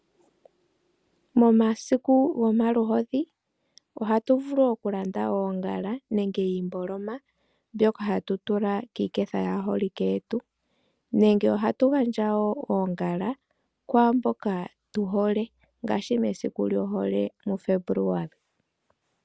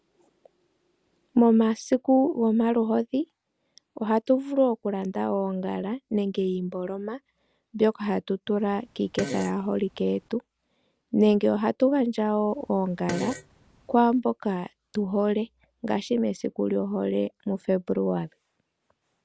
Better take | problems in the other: first | background sound (Fart); 13 dB below the speech

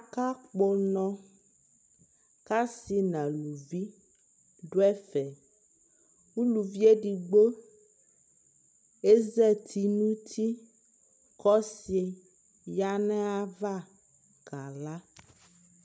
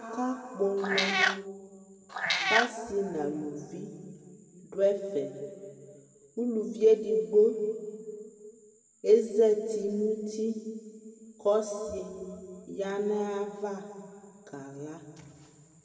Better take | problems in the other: first | background sound (Meow); 2 dB above the speech // room echo; dies away in 2 s

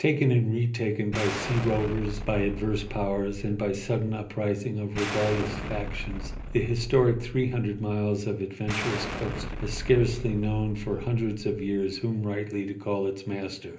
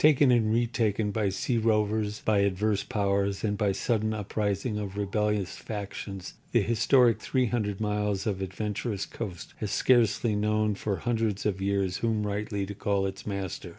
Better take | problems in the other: second | background sound (Explosion); 8 dB below the speech // room echo; dies away in 0.5 s

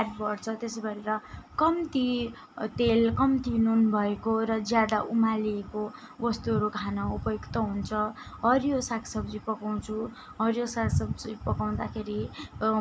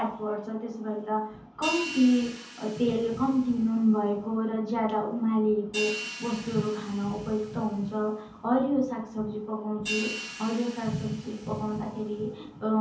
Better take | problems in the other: first | background sound (Hi-hat); 14 dB below the speech // room echo; dies away in 0.5 s

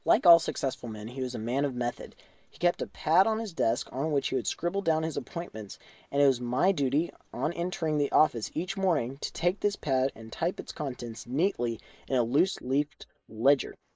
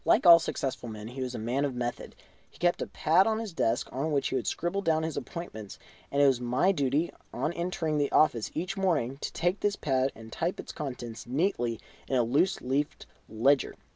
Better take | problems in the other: second | noise reduction (neural mask model Resemble Enhance denoiser)

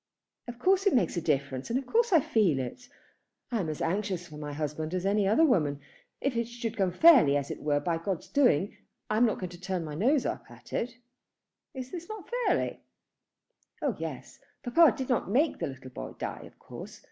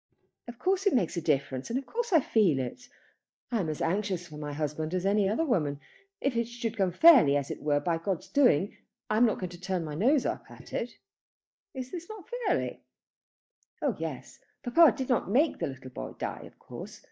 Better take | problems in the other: first | noise reduction (neural mask model DeepFilterNet 3)

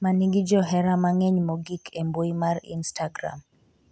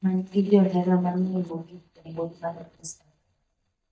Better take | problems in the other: first | noise reduction (neural mask model DeepFilterNet 3)

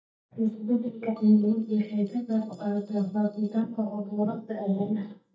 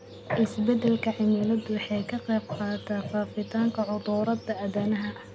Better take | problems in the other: second | noise reduction (neural mask model DeepFilterNet 3)

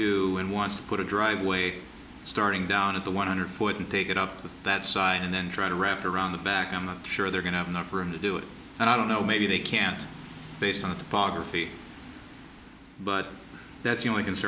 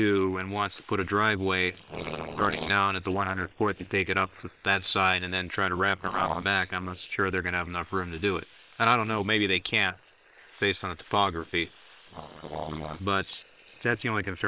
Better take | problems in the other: first | noise reduction (neural separator model SepFormer WHAM!)

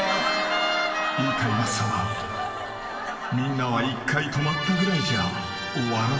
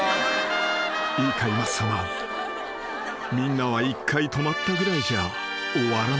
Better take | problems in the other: second | room echo; dies away in 2.5 s

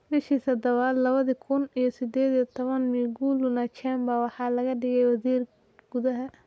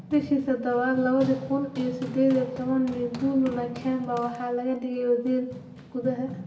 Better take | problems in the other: first | background sound (Run); 14 dB below the speech // room echo; dies away in 0.7 s

